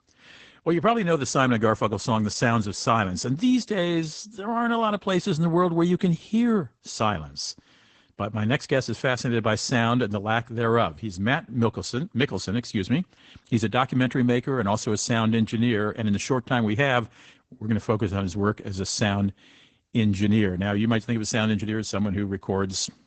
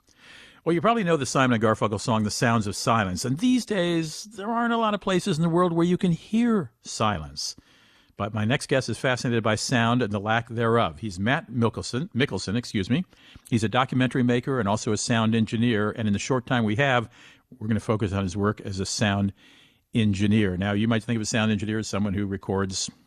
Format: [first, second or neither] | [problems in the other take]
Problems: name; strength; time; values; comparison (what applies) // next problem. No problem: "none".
second | garbled, watery; badly; nothing above 8 kHz